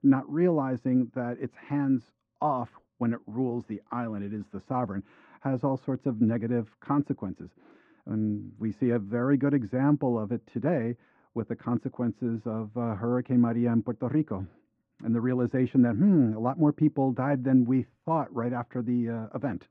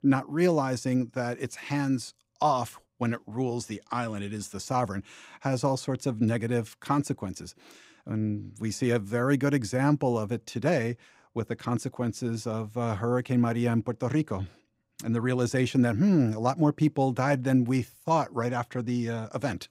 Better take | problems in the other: second | muffled; very; fading above 1.5 kHz

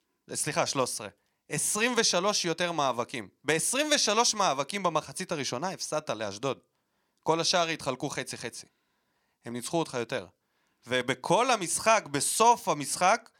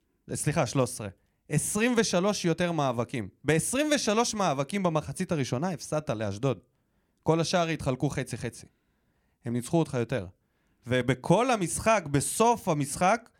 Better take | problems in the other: second | thin; somewhat; fading below 500 Hz

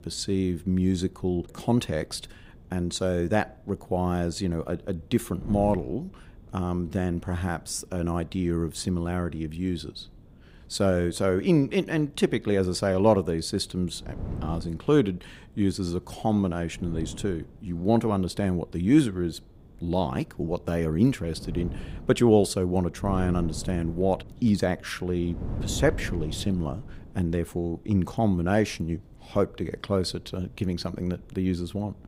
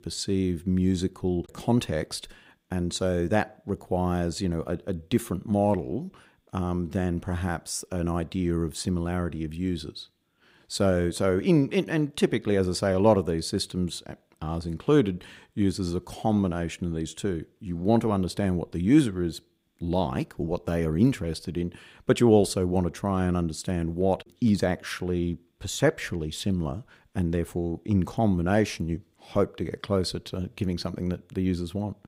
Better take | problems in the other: second | wind noise on the microphone; occasional gusts; 20 dB below the speech

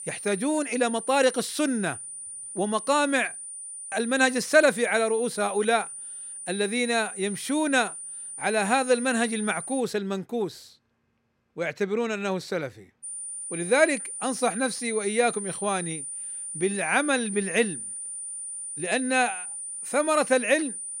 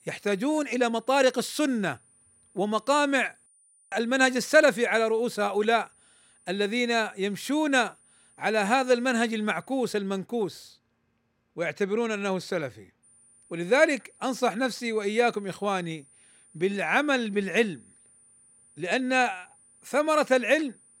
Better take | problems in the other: second | high-pitched whine; loud; until 10 s and from 13 s on; 9.5 kHz, 8 dB below the speech; faint in the second

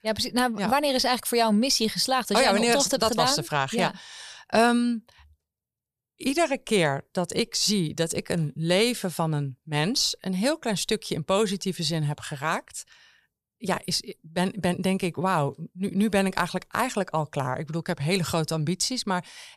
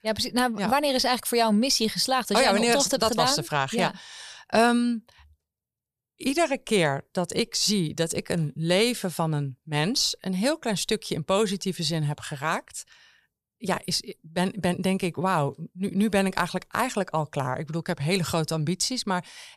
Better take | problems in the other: neither | none

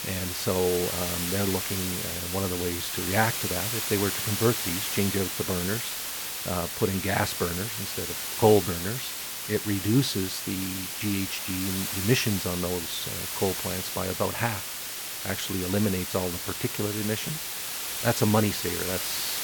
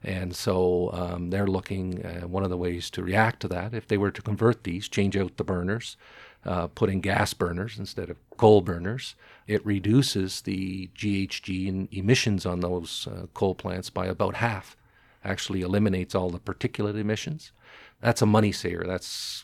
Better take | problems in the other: second | hiss; loud; throughout; 1 dB below the speech

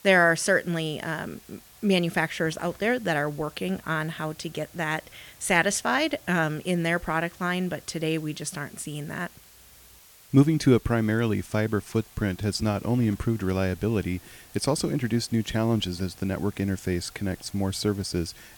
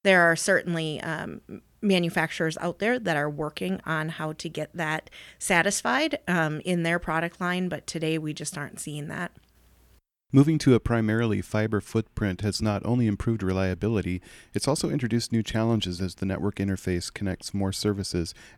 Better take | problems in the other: second | hiss; faint; throughout; 25 dB below the speech

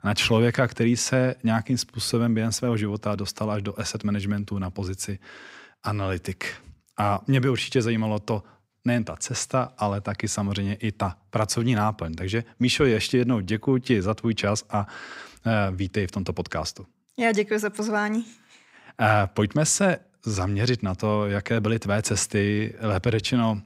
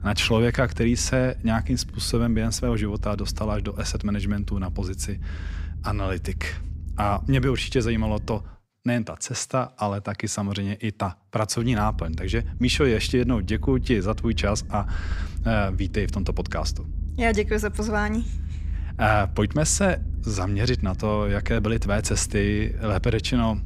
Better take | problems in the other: first | low rumble; faint; until 8.5 s and from 12 s on; 20 dB below the speech

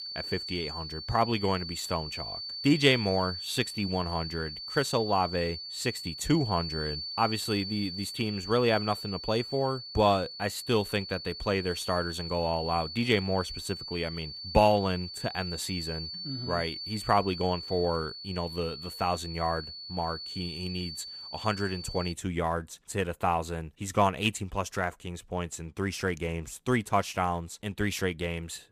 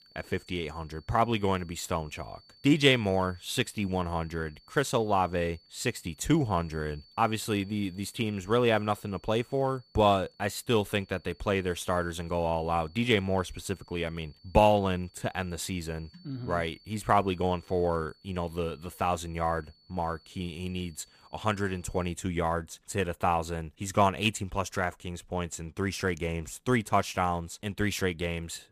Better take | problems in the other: second | high-pitched whine; loud; until 22 s; 4.5 kHz, 7 dB below the speech; faint in the second

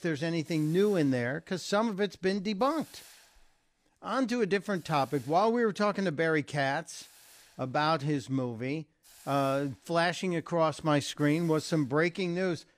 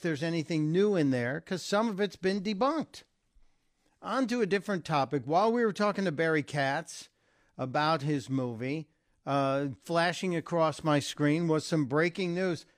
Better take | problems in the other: second | hiss; faint; throughout; 25 dB below the speech

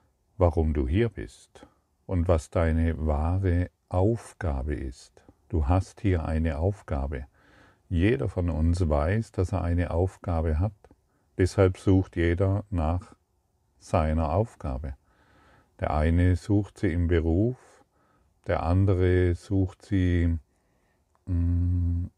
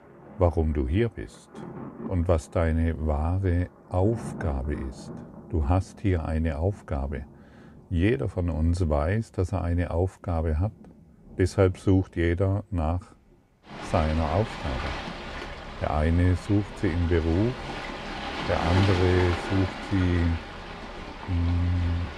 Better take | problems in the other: first | rain or running water; loud; throughout; 9 dB below the speech

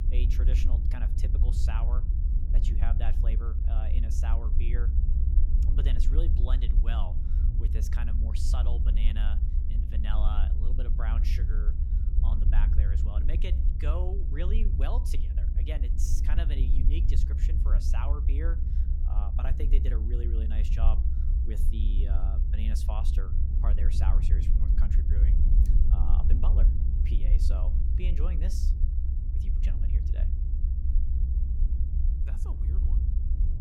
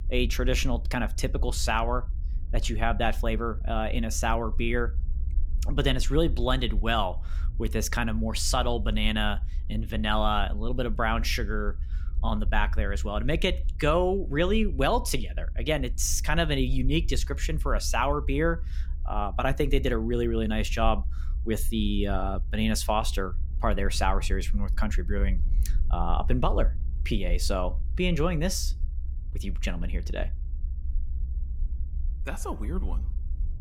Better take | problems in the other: second | low rumble; loud; throughout; 3 dB below the speech; faint in the second

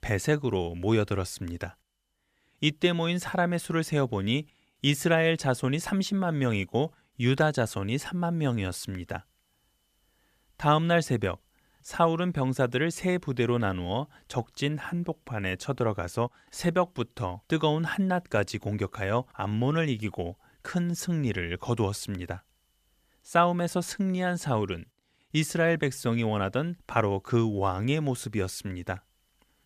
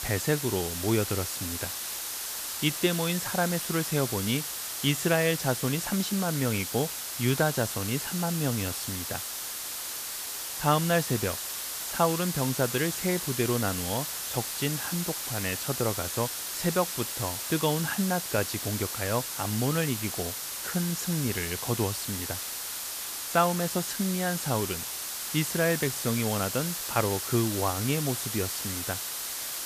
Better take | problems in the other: first | hiss; loud; throughout; 2 dB below the speech

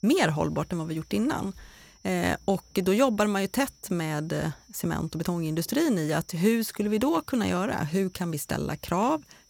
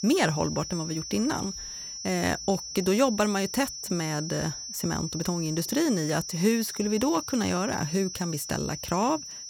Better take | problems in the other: first | high-pitched whine; loud; throughout; 6 kHz, 7 dB below the speech; faint in the first

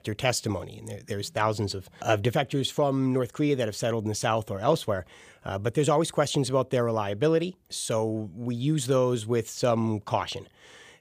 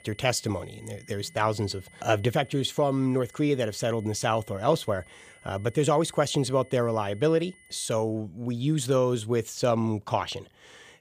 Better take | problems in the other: first | high-pitched whine; faint; until 8 s; 2 kHz, 25 dB below the speech

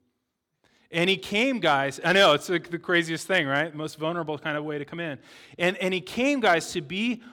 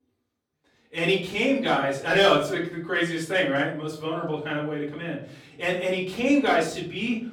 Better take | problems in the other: first | off-mic speech; far // room echo; slight; dies away in 0.4 s

